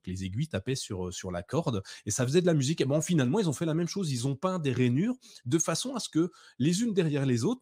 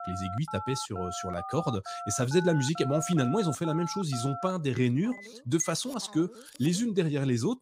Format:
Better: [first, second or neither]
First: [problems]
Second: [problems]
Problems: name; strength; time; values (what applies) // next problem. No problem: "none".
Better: first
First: none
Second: phone ringing; noticeable; until 7 s; peak 8 dB below the speech